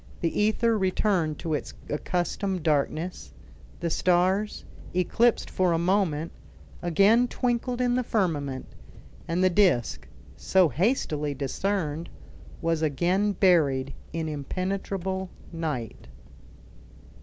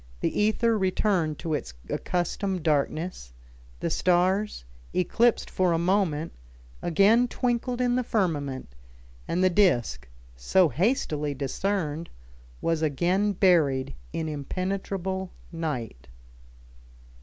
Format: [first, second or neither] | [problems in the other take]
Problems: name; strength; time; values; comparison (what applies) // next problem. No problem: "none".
second | background sound (Engine); 20 dB below the speech